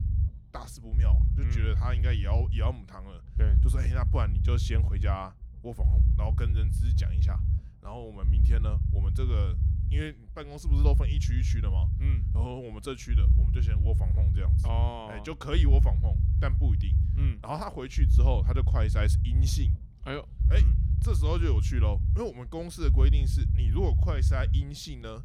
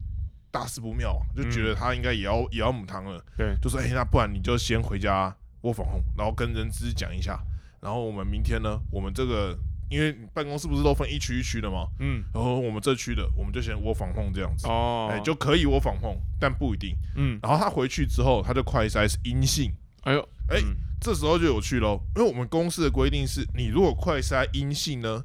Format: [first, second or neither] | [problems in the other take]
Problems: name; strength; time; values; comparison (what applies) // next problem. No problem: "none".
second | low rumble; loud; throughout; 5 dB below the speech; faint in the second